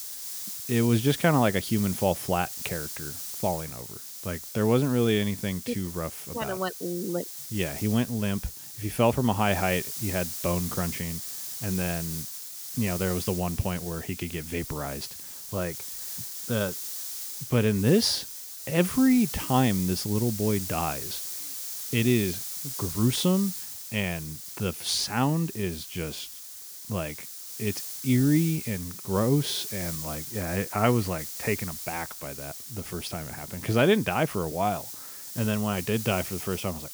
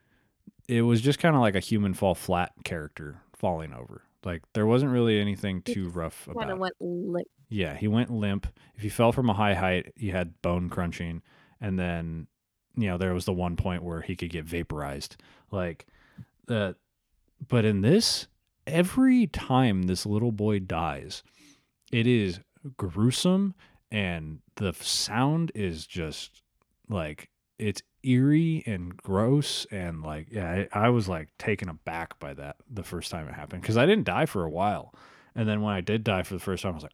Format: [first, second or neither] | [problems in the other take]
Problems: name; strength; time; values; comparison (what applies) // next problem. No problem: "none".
second | hiss; loud; throughout; 7 dB below the speech